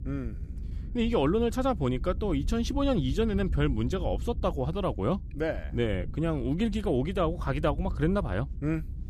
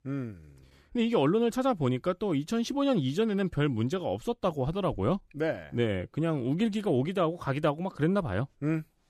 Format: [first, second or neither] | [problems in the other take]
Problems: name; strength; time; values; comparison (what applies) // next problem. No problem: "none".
second | low rumble; faint; throughout; 20 dB below the speech